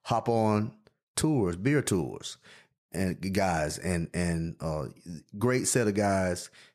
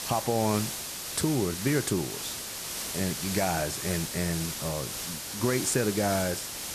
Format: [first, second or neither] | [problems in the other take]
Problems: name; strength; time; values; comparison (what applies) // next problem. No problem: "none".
first | hiss; loud; throughout; 4 dB below the speech